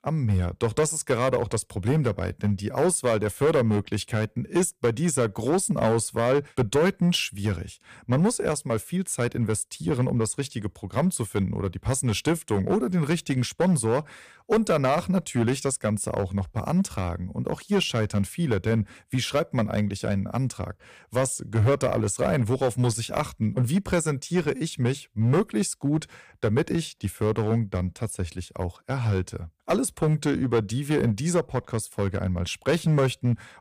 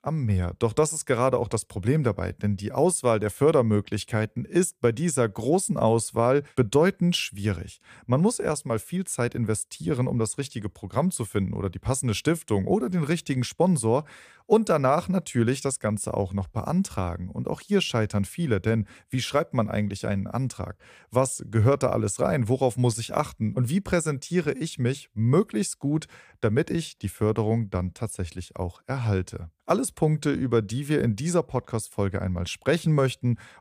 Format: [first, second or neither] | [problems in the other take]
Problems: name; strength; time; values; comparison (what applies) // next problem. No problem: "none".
second | distortion; slight; 5% of the sound clipped